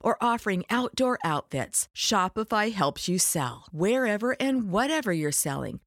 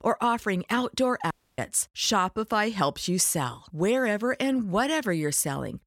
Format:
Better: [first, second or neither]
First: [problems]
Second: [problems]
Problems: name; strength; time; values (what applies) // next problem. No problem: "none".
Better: first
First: none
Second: audio cutting out; at 1.5 s